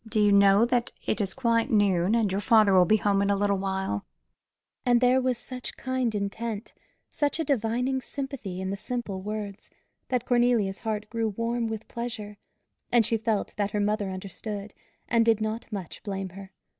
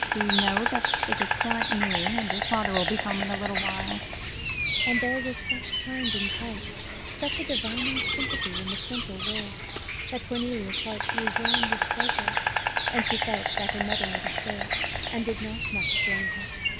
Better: first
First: none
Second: background sound (Insect); 4 dB above the speech

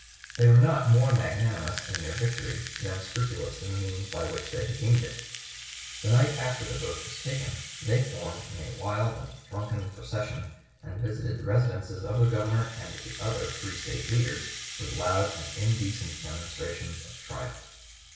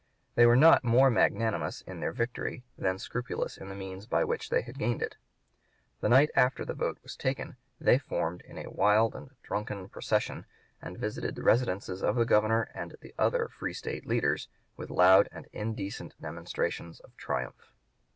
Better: second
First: background sound (Rattle (instrument)); 13 dB below the speech // room echo; dies away in 0.6 s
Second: none

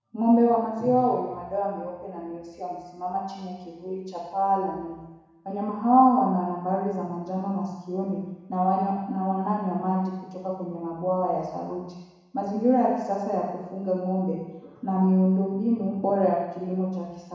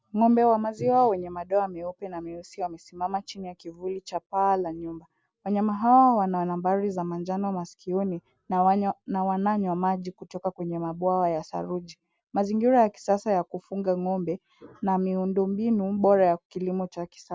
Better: second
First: room echo; dies away in 1.1 s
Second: none

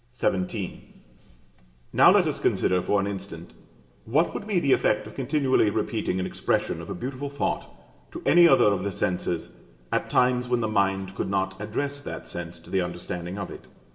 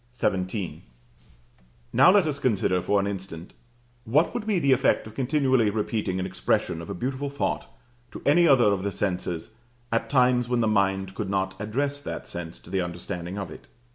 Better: second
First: room echo; dies away in 1.4 s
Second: none

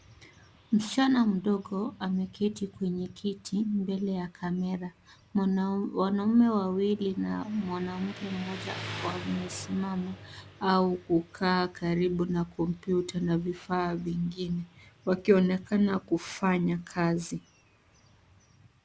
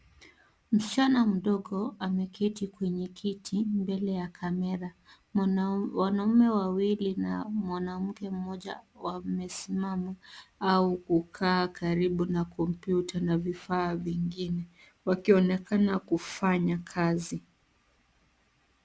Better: second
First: background sound (Motorcycle); 19 dB below the speech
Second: none

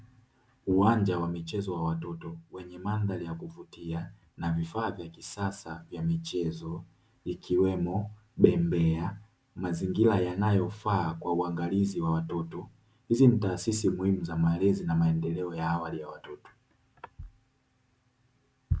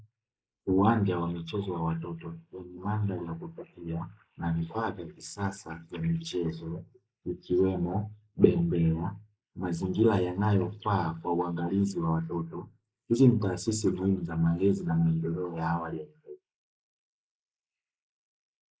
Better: first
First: none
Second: noise reduction (neural mask model Resemble Enhance denoiser)

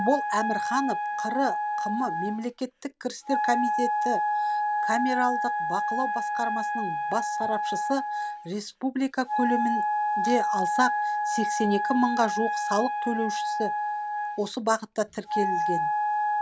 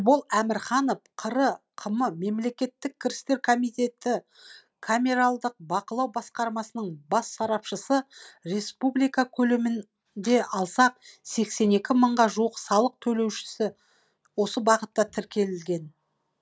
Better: second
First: background sound (Wind instrument, woodwind instrument); 1 dB above the speech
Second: none

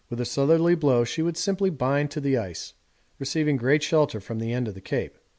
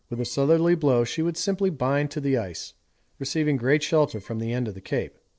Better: first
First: none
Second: noise reduction (neural separator model SepFormer DNS4)

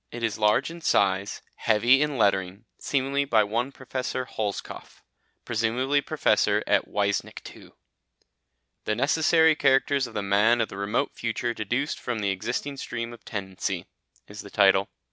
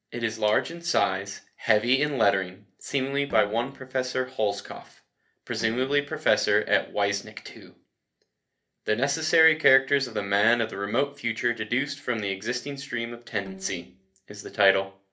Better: first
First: none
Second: noise reduction (neural separator model SepFormer DNS4)

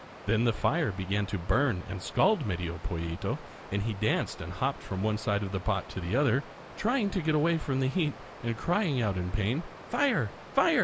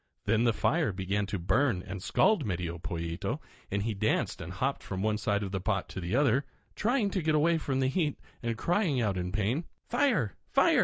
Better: second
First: background sound (Water); 17 dB below the speech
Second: none

